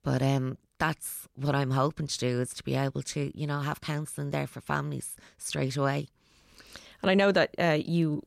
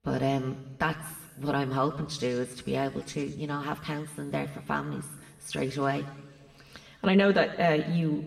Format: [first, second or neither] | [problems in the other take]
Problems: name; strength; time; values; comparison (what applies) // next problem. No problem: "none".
first | room echo; slight; dies away in 1.6 s // off-mic speech; somewhat distant